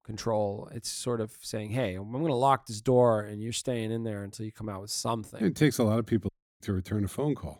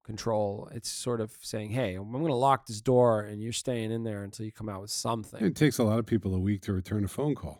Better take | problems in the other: second | audio cutting out; at 6.5 s

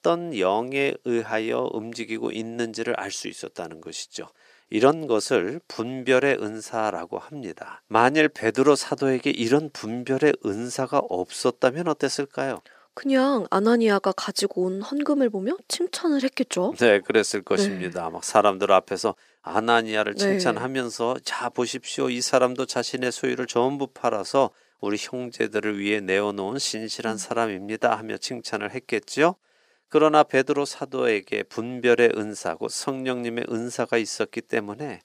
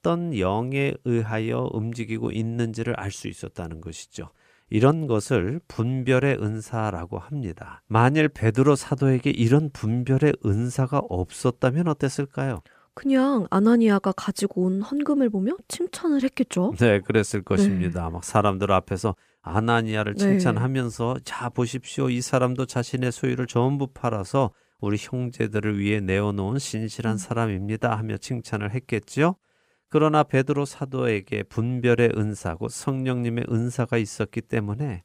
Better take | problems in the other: second | thin; somewhat; fading below 350 Hz

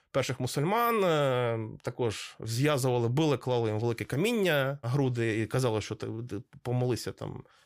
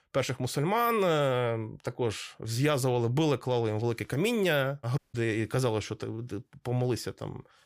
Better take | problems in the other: first | audio cutting out; at 5 s

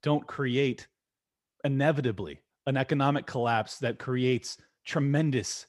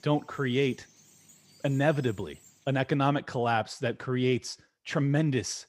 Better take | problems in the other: first | animal sounds; faint; until 3 s; 25 dB below the speech

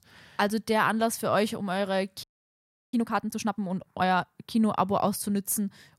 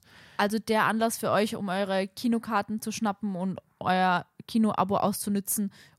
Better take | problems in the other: second | audio freezing; at 2 s for 0.5 s

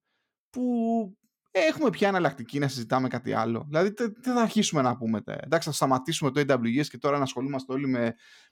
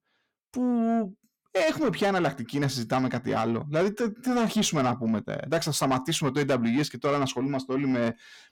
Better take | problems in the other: first | distortion; slight; 10 dB below the speech

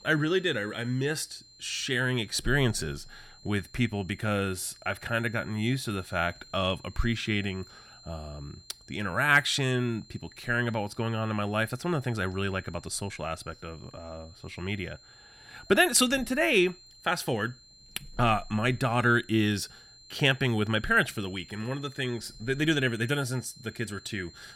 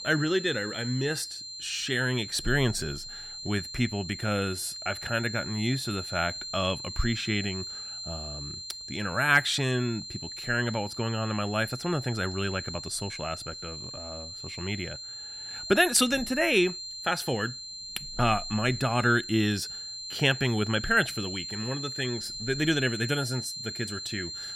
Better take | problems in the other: first | high-pitched whine; loud; throughout; 4 kHz, 8 dB below the speech; faint in the first

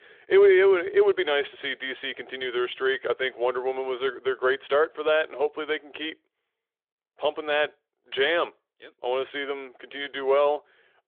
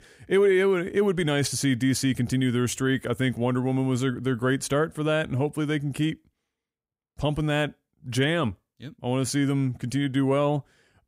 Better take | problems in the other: second | phone-call audio; nothing above 3.5 kHz

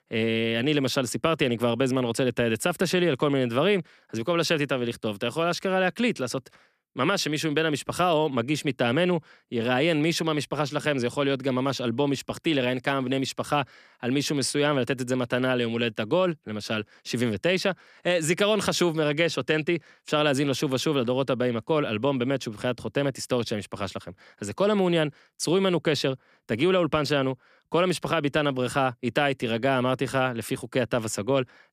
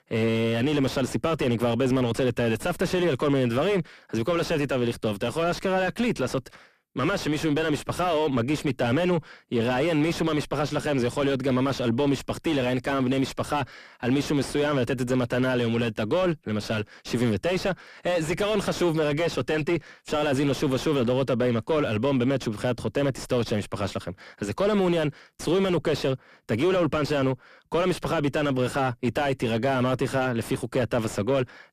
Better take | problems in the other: first | distortion; heavy; 6 dB below the speech

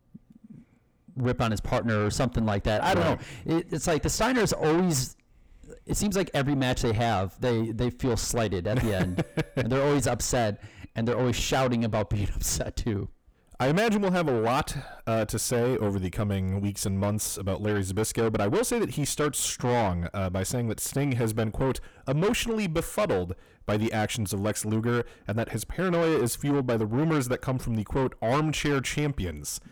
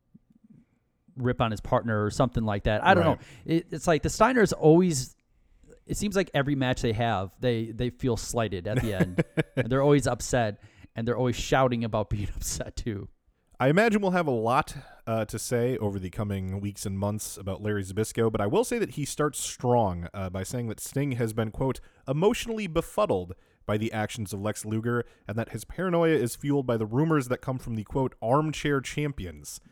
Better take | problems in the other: second | distortion; heavy; 6 dB below the speech

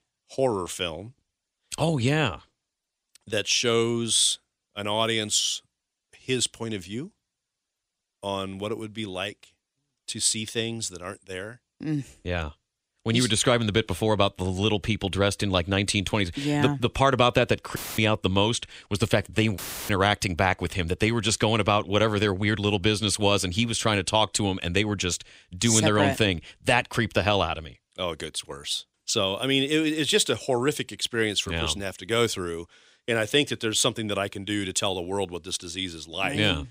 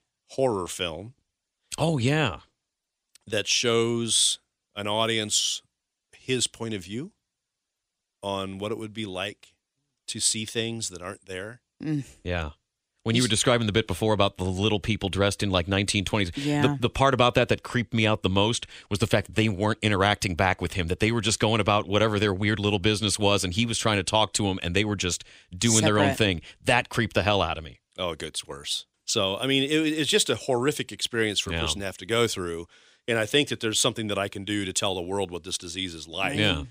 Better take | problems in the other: second | audio cutting out; filled with static; at 18 s and at 20 s

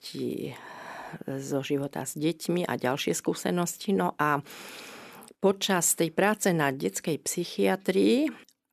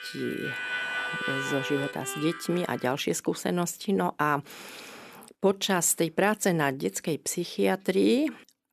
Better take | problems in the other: first | background music; loud; until 3 s; 5 dB below the speech

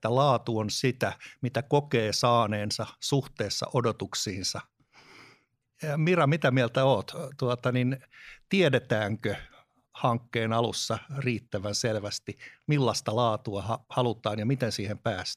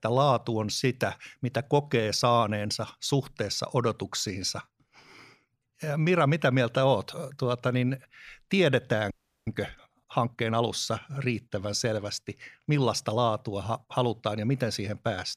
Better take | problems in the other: first | audio freezing; at 9 s

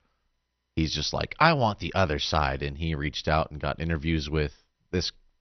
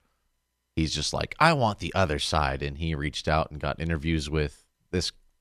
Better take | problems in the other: second | garbled, watery; slightly; nothing above 6 kHz

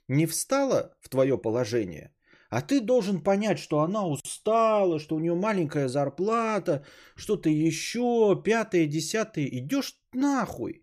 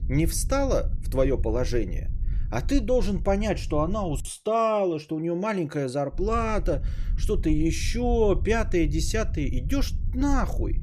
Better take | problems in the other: first | low rumble; faint; until 4.5 s and from 6 s on; 20 dB below the speech

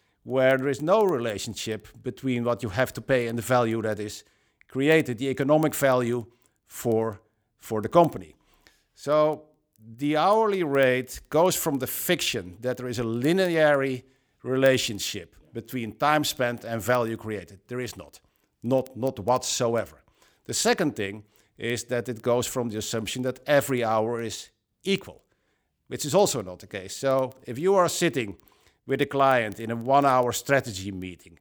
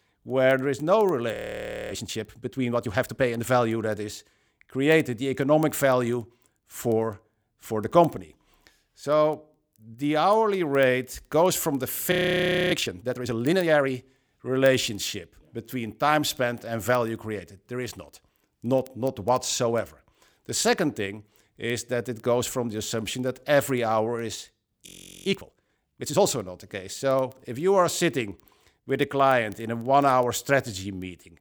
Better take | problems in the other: first | audio freezing; at 1.5 s for 0.5 s, at 12 s for 0.5 s and at 25 s

